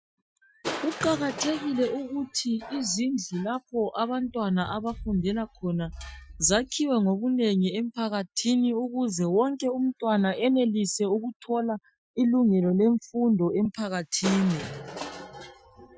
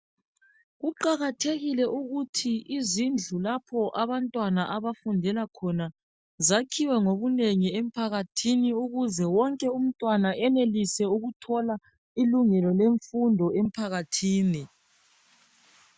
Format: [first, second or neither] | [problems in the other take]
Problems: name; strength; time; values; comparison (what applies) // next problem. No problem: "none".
second | noise reduction (classical method Wiener filter)